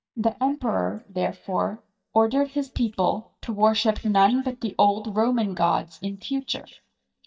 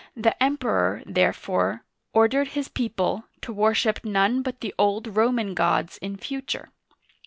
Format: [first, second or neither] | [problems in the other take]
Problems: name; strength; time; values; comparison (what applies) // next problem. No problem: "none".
second | noise reduction (neural mask model DeepFilterNet 3)